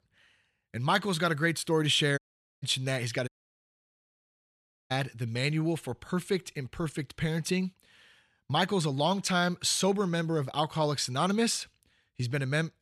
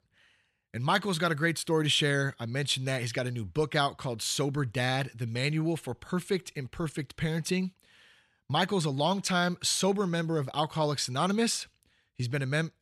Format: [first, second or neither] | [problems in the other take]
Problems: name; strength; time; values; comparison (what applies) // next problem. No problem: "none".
second | audio cutting out; at 2 s and at 3.5 s for 1.5 s